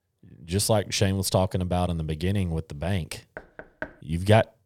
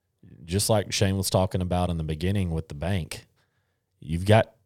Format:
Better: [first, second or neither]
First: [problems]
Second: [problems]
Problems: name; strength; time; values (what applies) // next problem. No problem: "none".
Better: second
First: door banging; faint; at 3.5 s; peak 15 dB below the speech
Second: none